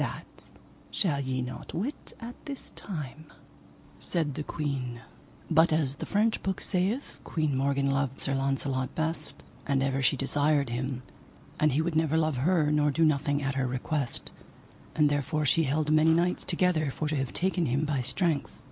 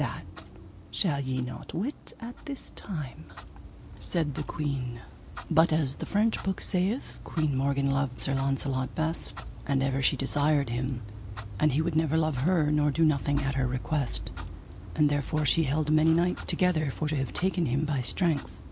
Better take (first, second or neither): first